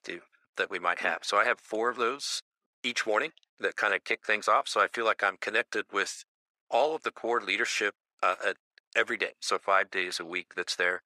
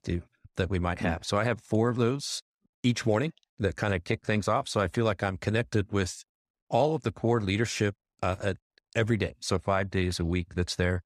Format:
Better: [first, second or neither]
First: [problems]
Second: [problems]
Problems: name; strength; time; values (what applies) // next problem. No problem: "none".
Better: second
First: thin; very; fading below 400 Hz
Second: none